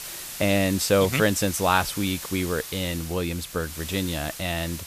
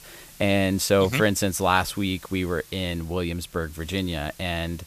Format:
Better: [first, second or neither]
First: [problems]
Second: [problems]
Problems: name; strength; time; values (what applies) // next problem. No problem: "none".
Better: second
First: hiss; loud; throughout; 10 dB below the speech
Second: hiss; faint; throughout; 20 dB below the speech